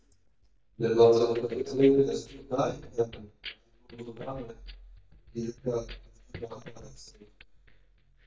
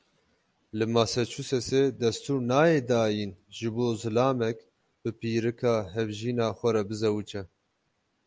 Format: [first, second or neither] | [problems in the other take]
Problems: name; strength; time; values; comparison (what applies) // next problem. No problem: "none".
second | noise reduction (neural mask model DeepFilterNet 3)